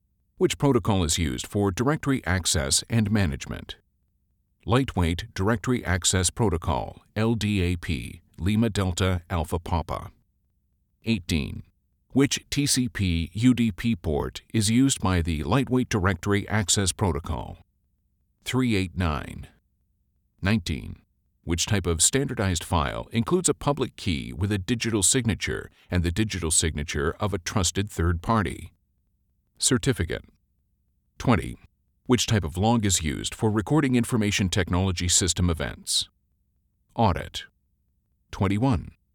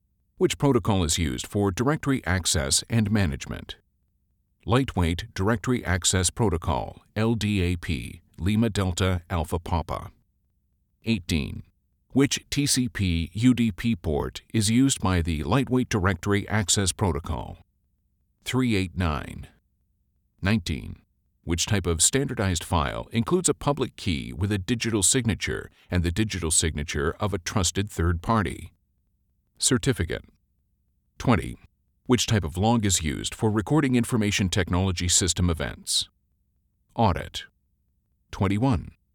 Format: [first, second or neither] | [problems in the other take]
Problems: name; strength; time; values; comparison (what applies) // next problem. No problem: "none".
neither | none